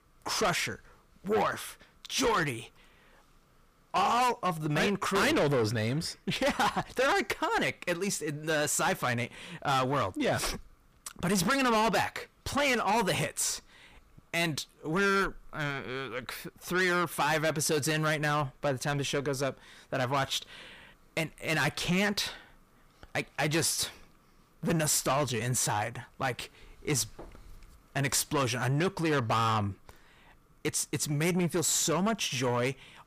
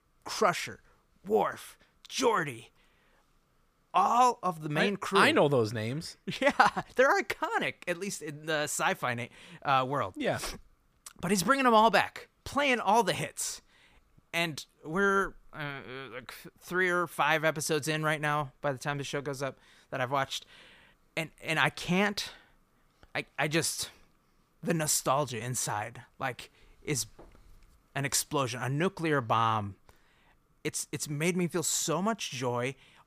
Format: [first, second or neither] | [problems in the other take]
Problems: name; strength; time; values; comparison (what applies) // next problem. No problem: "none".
second | distortion; heavy; 6 dB below the speech